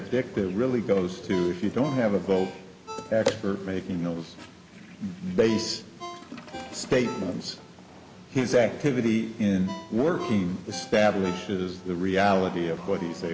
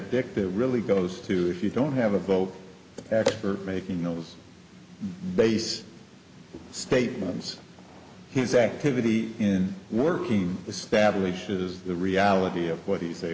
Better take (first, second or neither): second